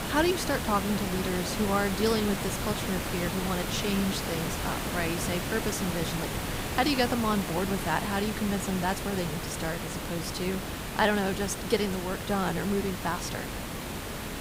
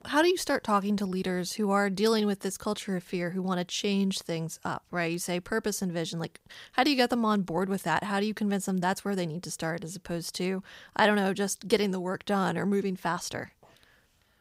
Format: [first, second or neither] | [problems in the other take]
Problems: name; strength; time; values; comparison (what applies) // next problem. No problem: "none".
second | hiss; loud; throughout; 3 dB below the speech